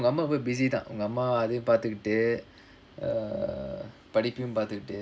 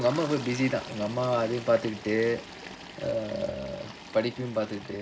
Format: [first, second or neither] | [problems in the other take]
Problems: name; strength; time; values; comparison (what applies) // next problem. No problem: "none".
first | background sound (Toilet flush); 13 dB below the speech